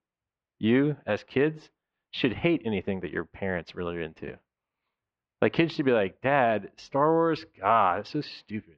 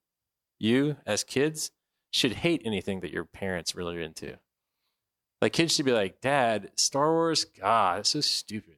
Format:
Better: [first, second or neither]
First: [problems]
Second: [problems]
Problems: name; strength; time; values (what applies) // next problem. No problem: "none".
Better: second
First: muffled; very; fading above 2.5 kHz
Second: none